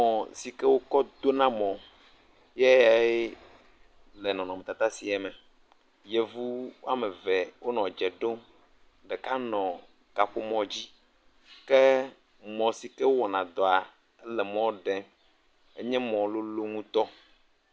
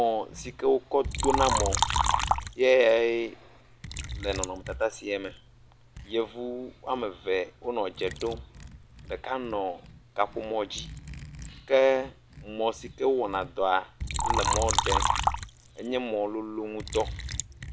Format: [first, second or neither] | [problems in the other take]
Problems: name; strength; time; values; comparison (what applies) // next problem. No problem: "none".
first | background sound (Liquid); 4 dB below the speech